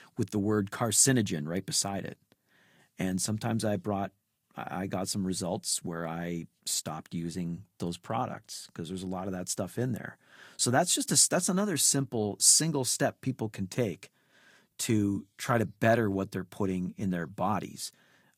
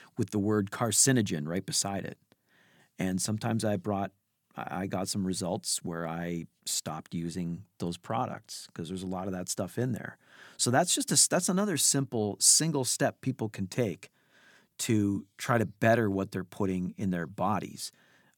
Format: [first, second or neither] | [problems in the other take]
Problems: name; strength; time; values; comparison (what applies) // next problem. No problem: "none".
second | garbled, watery; slightly; nothing above 14.5 kHz